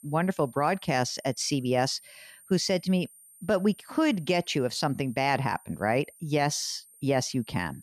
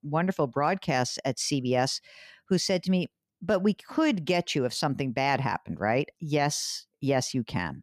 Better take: second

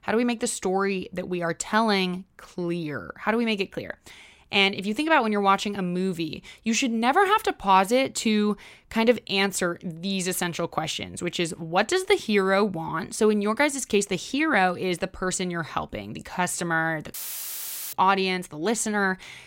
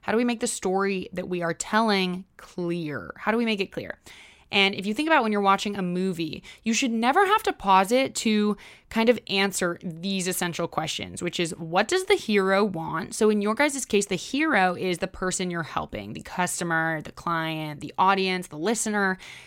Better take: second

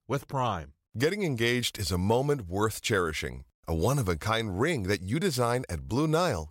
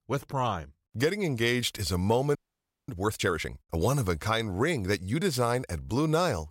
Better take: first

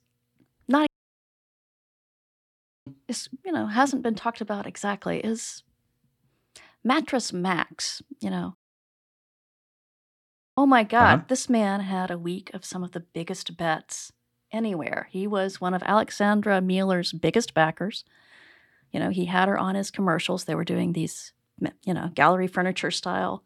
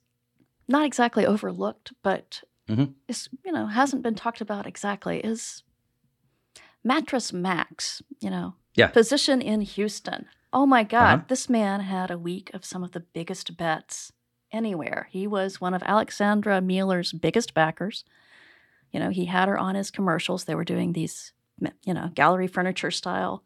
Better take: second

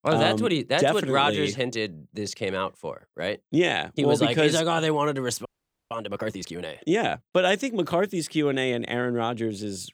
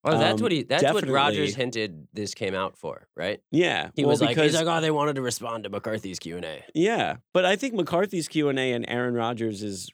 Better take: second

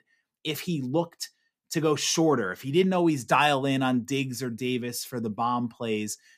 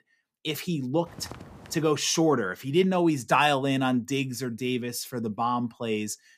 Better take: first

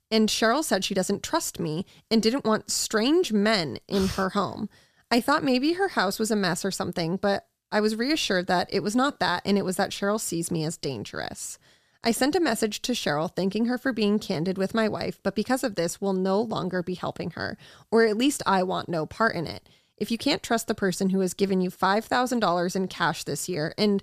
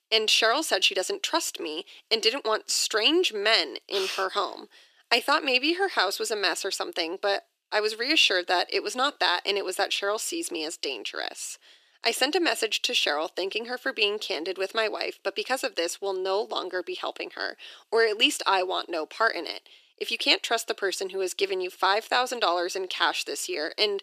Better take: first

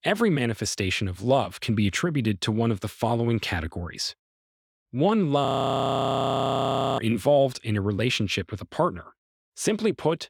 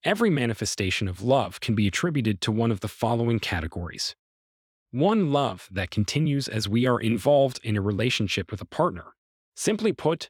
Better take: second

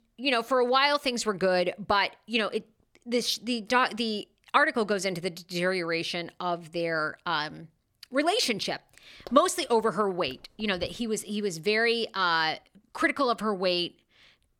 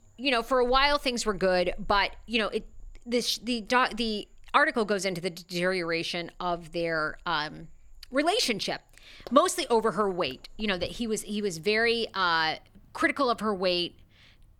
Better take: first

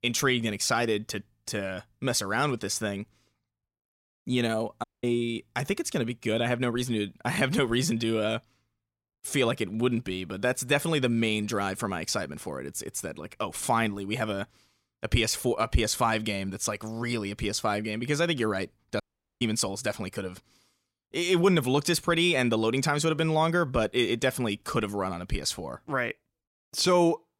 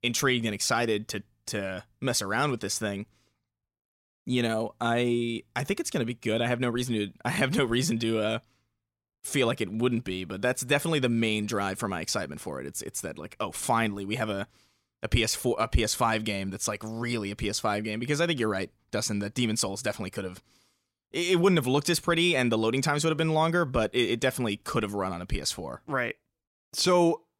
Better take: second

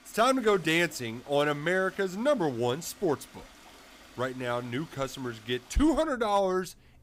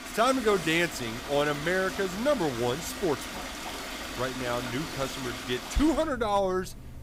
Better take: first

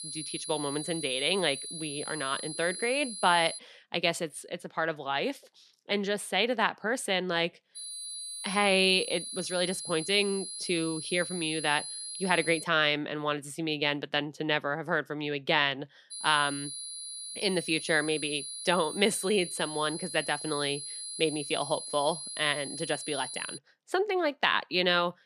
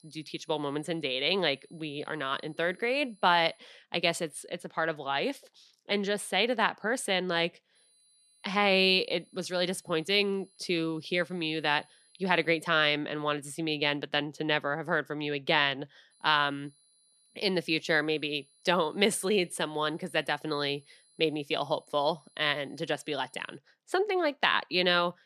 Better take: second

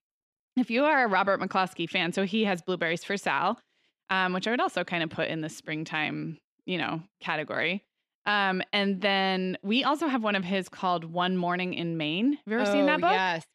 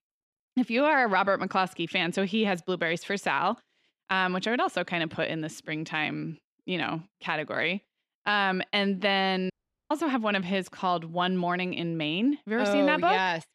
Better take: first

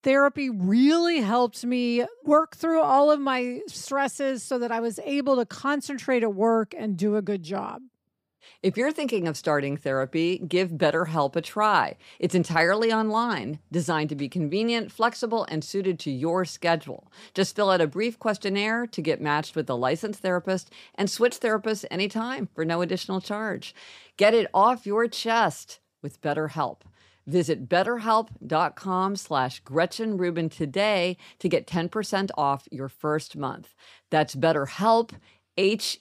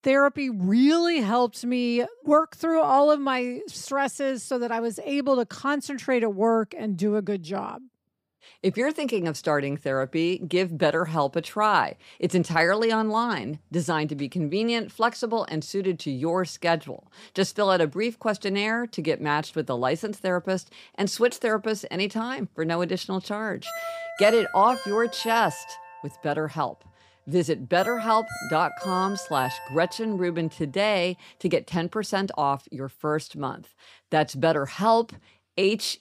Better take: first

